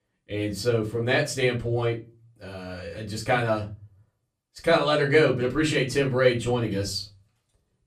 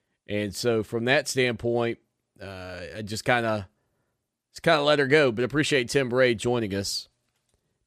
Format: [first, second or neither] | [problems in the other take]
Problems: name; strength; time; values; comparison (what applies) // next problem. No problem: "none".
second | off-mic speech; far // room echo; very slight; dies away in 0.3 s